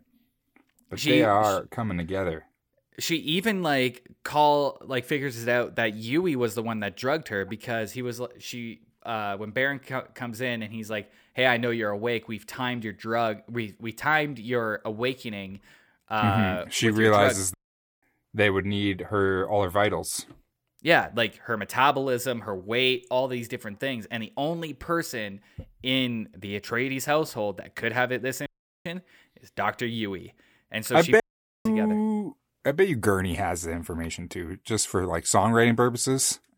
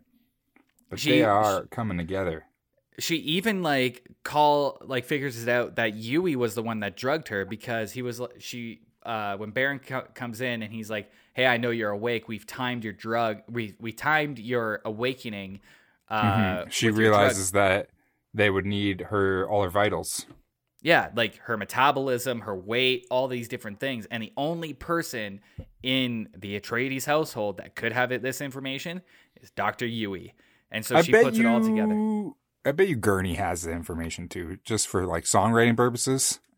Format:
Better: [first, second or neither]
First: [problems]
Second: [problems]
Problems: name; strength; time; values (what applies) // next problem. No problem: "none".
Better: second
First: audio cutting out; at 18 s, at 28 s and at 31 s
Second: none